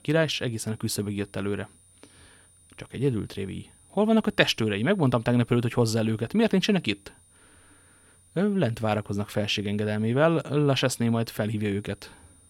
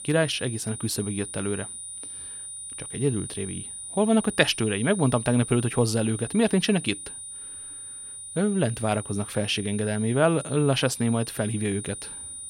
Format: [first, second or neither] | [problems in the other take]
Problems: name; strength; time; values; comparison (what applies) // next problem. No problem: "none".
first | high-pitched whine; loud; throughout; 9.5 kHz, 10 dB below the speech; faint in the first